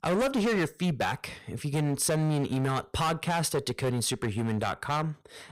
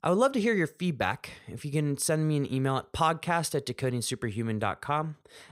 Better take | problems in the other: second | distortion; heavy; 14% of the sound clipped

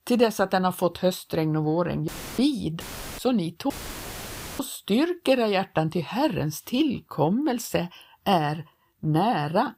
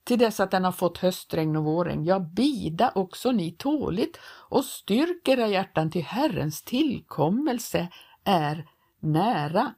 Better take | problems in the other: second | audio cutting out; filled with static; at 2 s, at 3 s and at 3.5 s for 1 s

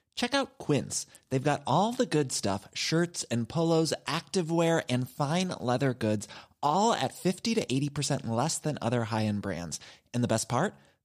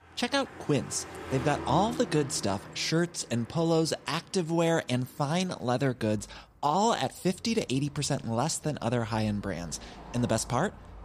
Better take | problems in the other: first | traffic noise; noticeable; throughout; 15 dB below the speech

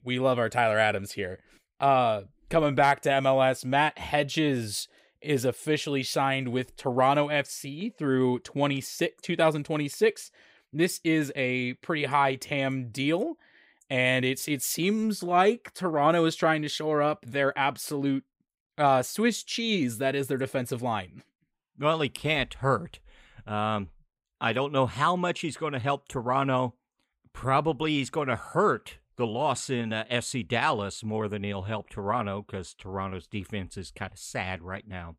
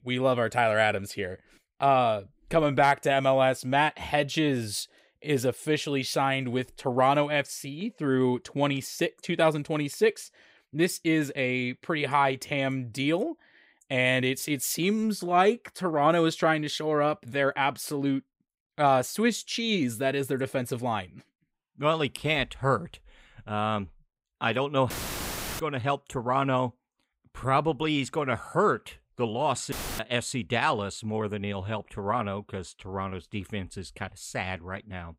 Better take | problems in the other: first | audio cutting out; filled with static; at 25 s for 0.5 s and at 30 s

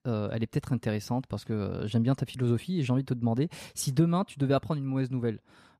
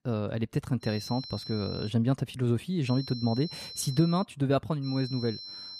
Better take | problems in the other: first | high-pitched whine; noticeable; from 1 to 2 s, from 3 to 4 s and at 5 s; 4 kHz, 10 dB below the speech

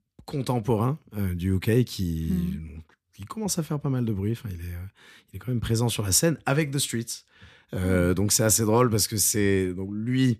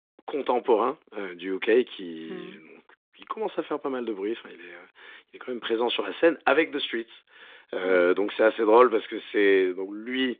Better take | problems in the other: first | phone-call audio; nothing above 3.5 kHz

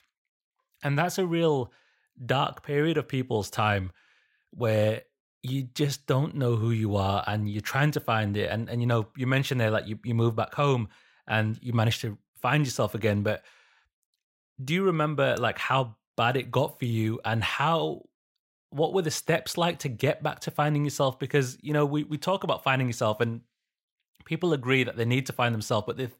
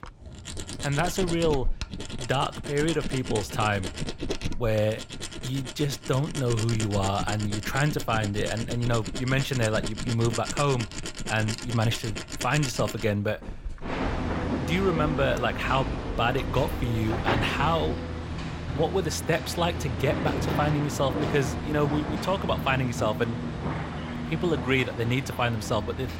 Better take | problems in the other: first | machinery noise; loud; throughout; 5 dB below the speech

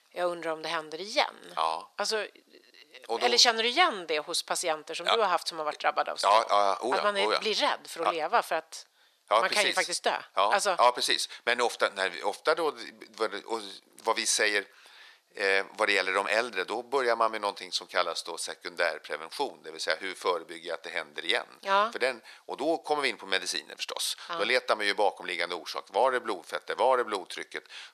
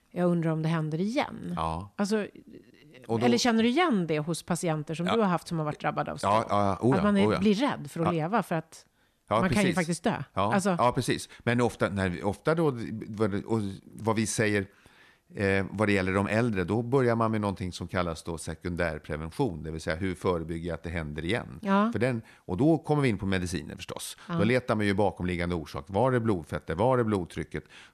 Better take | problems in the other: second | thin; very; fading below 550 Hz

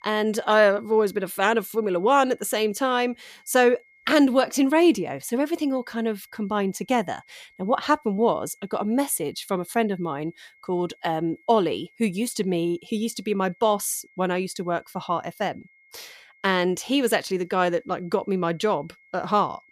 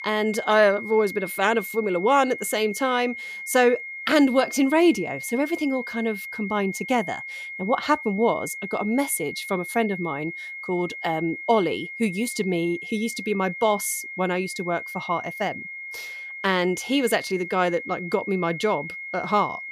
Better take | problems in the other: first | high-pitched whine; loud; throughout; 2 kHz, 9 dB below the speech; faint in the first

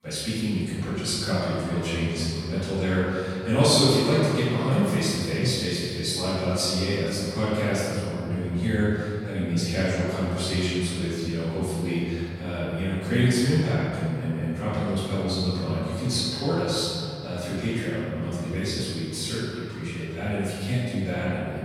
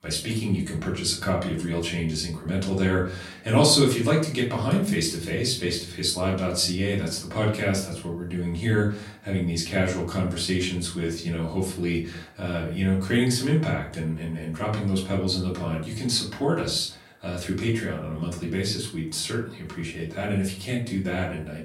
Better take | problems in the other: second | room echo; strong; dies away in 2.8 s; slight in the second // off-mic speech; far; far in the second

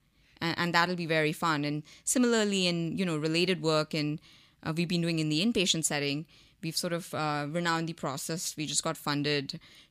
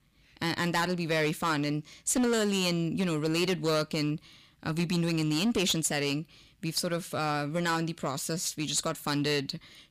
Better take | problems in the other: first | distortion; slight; 7% of the sound clipped

